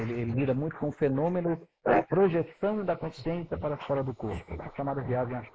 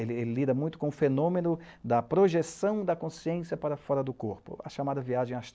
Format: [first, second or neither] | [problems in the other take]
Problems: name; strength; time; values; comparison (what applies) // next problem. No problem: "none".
second | noise reduction (neural mask model Resemble Enhance denoiser)